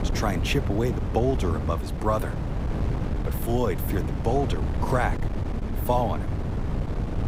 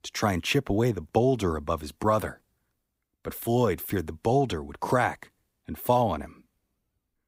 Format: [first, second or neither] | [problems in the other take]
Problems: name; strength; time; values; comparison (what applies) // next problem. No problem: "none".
second | wind noise on the microphone; heavy; 9 dB below the speech